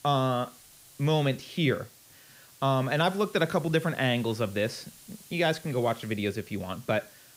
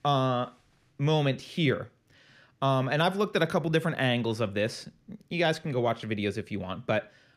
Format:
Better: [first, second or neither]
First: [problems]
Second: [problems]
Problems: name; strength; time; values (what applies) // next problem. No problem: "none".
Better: second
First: hiss; faint; throughout; 20 dB below the speech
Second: none